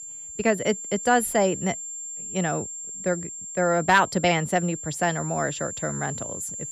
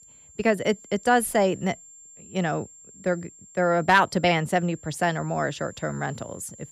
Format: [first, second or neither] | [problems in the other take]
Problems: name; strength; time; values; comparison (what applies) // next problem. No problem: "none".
second | high-pitched whine; loud; throughout; 7.5 kHz, 8 dB below the speech; faint in the second